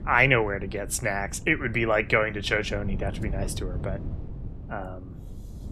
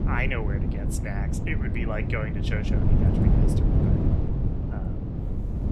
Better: first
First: wind noise on the microphone; occasional gusts; 25 dB below the speech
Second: wind noise on the microphone; heavy; 2 dB below the speech

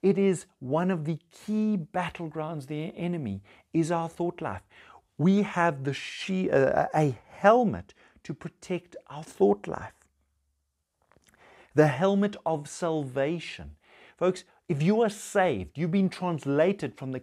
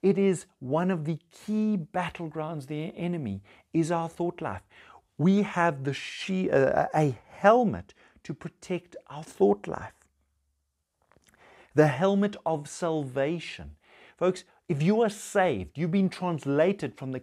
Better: neither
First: none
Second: none

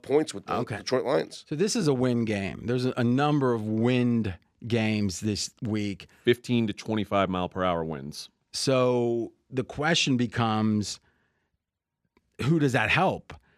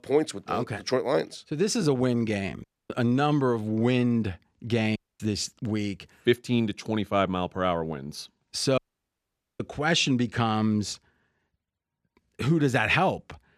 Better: first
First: none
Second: audio cutting out; at 2.5 s, at 5 s and at 9 s for 1 s

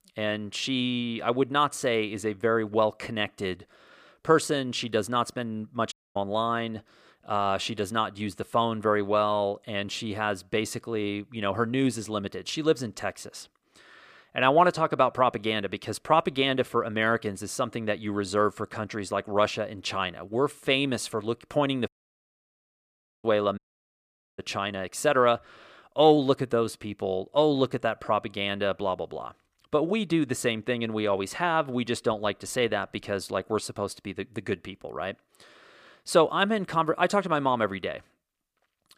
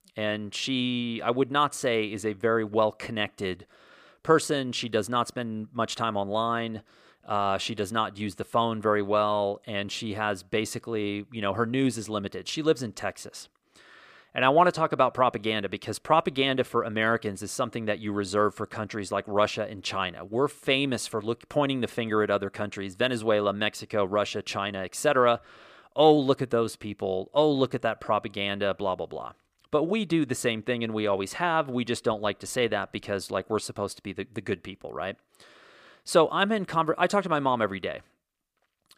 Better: second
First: audio cutting out; at 6 s, at 22 s for 1.5 s and at 24 s for 1 s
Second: none

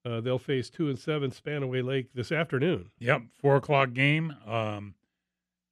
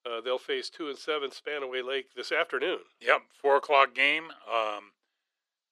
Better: first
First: none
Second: thin; very; fading below 400 Hz

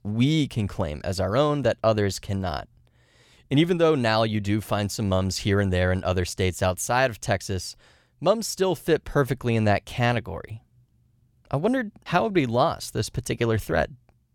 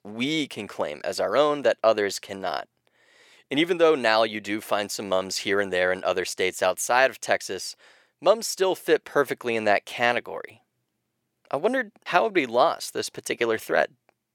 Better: first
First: none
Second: thin; somewhat; fading below 400 Hz

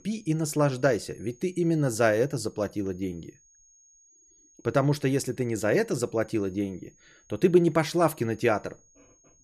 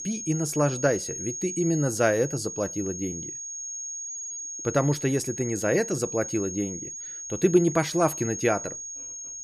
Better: first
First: high-pitched whine; faint; throughout; 6.5 kHz, 30 dB below the speech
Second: high-pitched whine; loud; throughout; 6.5 kHz, 7 dB below the speech

